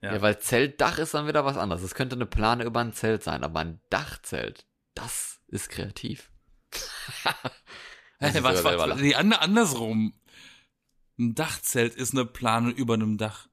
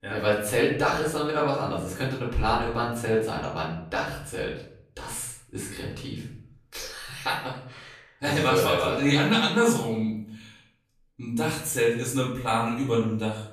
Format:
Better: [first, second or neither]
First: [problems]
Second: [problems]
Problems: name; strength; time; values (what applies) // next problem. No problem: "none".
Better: first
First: none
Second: off-mic speech; far // room echo; noticeable; dies away in 0.6 s